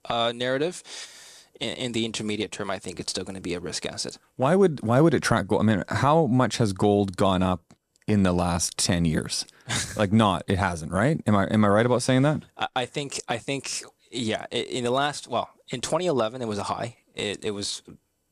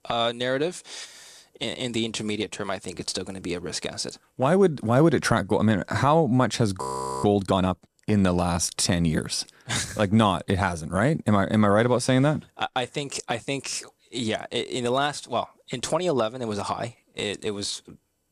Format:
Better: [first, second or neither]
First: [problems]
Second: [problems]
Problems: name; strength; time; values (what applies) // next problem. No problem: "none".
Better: first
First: none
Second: audio freezing; at 7 s